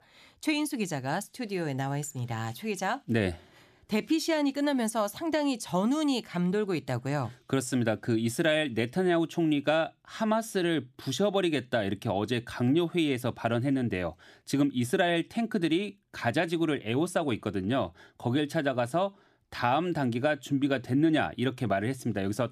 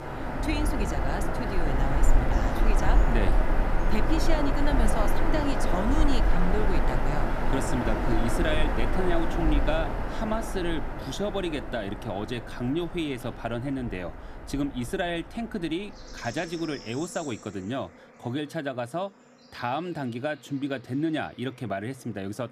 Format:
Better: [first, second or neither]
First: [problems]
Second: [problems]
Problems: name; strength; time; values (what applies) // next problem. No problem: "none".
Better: first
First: none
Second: animal sounds; very loud; throughout; 3 dB above the speech